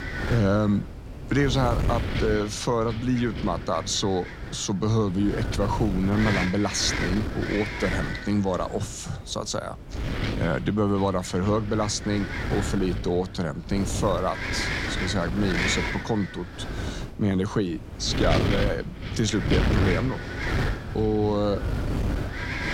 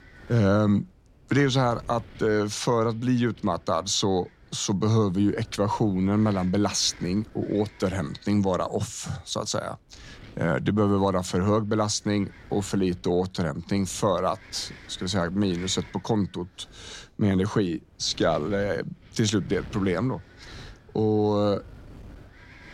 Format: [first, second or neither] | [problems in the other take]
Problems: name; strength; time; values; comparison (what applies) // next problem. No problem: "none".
second | wind noise on the microphone; heavy; 3 dB below the speech; occasional gusts in the second